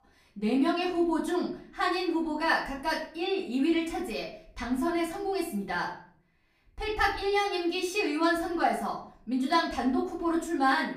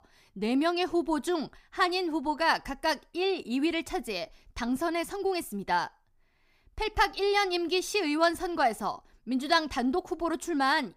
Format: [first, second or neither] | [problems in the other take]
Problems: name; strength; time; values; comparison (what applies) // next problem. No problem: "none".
second | off-mic speech; far // room echo; slight; dies away in 0.5 s